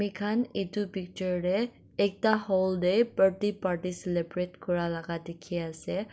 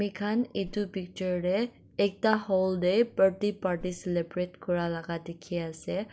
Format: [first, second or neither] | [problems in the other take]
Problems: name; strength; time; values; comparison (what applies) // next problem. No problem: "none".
first | background sound (Whoosh, swoosh, swish); 20 dB below the speech